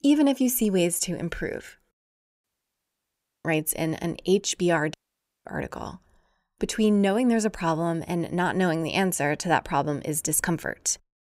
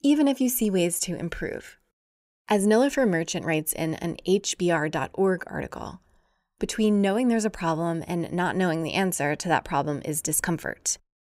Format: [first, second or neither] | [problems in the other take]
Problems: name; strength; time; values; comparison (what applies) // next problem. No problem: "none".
second | audio cutting out; at 2.5 s for 1 s and at 5 s for 0.5 s